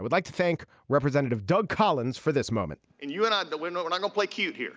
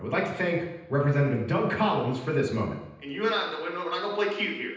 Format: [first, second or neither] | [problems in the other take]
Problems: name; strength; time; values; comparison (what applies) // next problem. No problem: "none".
first | room echo; dies away in 0.9 s